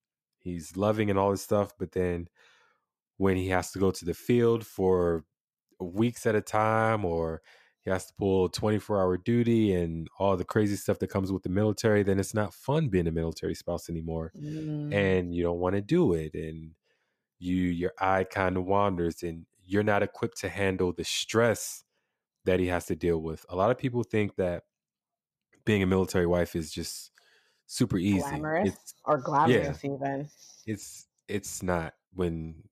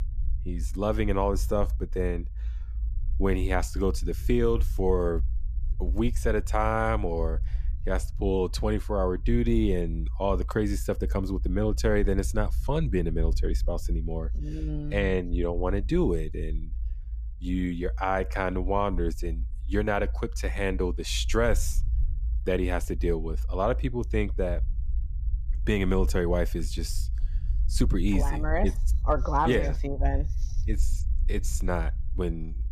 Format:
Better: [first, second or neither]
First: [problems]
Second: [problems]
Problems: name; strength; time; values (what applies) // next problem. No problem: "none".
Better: first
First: none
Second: low rumble; faint; throughout; 25 dB below the speech